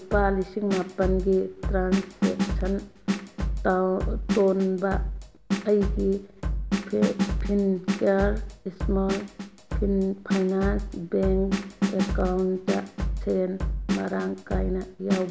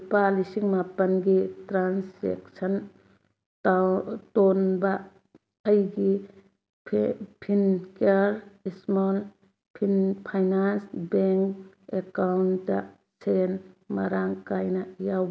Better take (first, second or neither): second